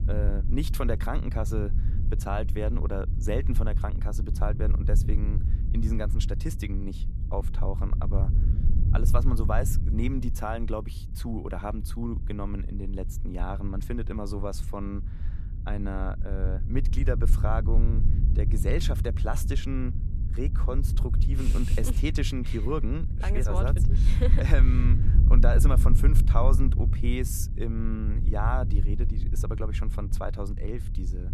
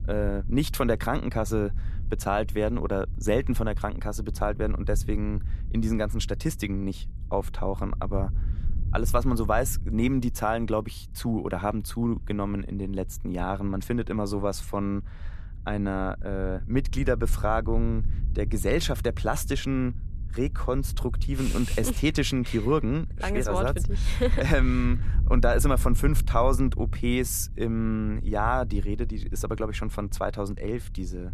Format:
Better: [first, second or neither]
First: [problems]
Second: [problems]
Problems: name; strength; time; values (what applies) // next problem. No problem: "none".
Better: second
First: low rumble; loud; throughout; 9 dB below the speech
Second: low rumble; faint; throughout; 20 dB below the speech